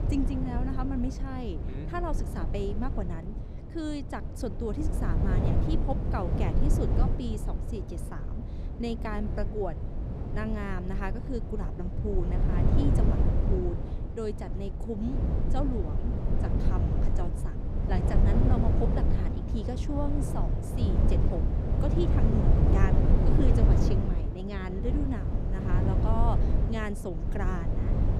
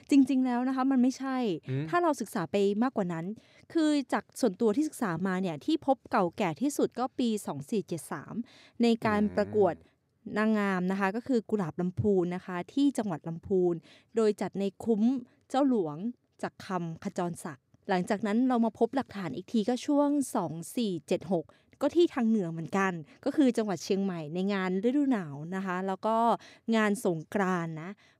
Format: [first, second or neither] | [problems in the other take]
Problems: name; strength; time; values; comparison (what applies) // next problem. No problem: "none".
second | low rumble; loud; throughout; 1 dB below the speech